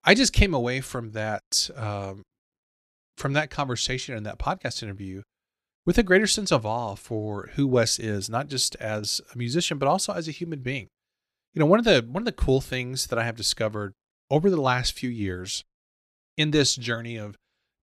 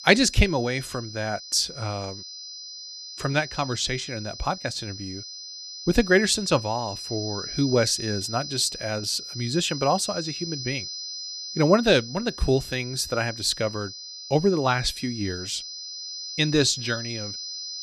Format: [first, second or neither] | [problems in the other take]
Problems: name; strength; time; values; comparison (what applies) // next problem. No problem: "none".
first | high-pitched whine; loud; throughout; 5 kHz, 9 dB below the speech